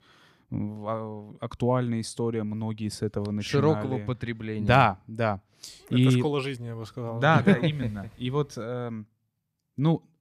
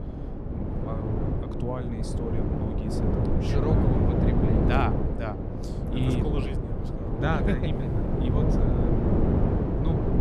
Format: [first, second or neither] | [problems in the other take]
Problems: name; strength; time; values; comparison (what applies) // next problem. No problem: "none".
first | wind noise on the microphone; heavy; 2 dB above the speech